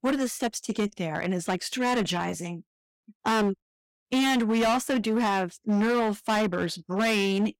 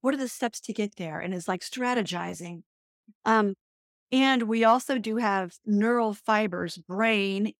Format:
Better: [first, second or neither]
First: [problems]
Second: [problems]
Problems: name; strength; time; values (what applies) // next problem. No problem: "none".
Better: second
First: distortion; heavy; 15% of the sound clipped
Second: none